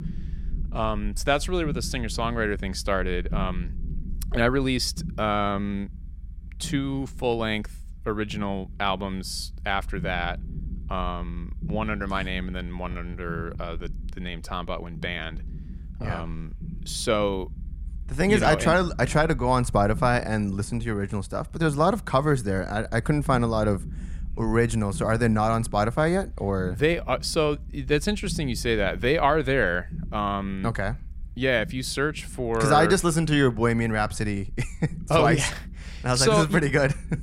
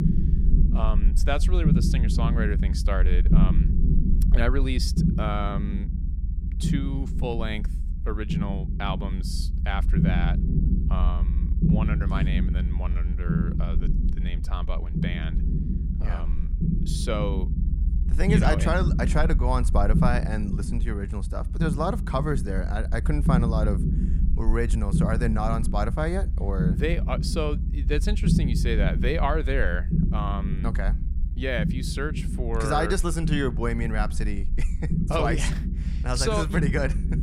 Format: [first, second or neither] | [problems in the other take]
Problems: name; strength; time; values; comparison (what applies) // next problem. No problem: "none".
first | low rumble; loud; throughout; 7 dB below the speech; faint in the first